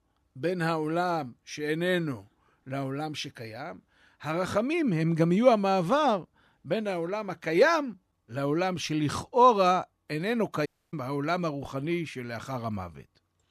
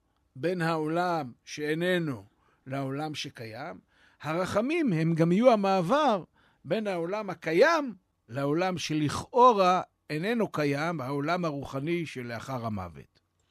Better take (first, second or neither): second